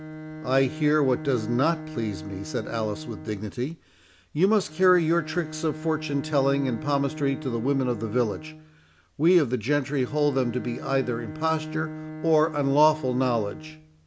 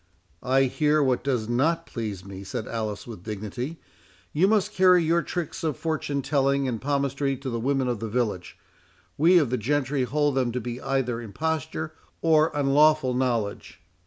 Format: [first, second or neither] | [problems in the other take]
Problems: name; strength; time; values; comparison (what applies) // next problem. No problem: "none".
second | background sound (Bowed string instrument); 12 dB below the speech